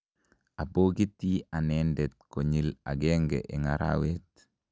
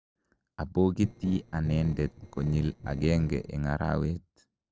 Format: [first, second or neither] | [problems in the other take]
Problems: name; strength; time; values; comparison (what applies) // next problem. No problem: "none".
first | noise reduction (neural separator model SepFormer DNS4)